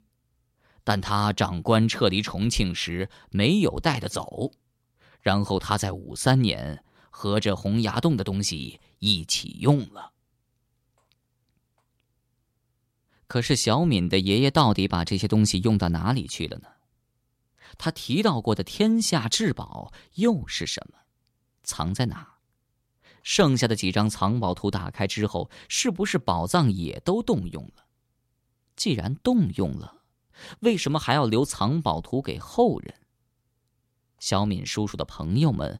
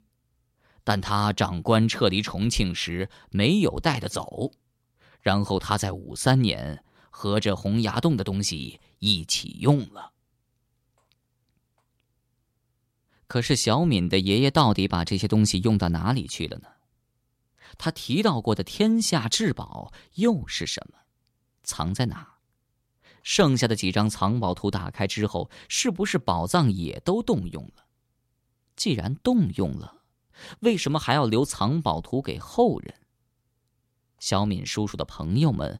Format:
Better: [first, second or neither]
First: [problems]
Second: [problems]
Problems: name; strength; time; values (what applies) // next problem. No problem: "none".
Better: neither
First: none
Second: none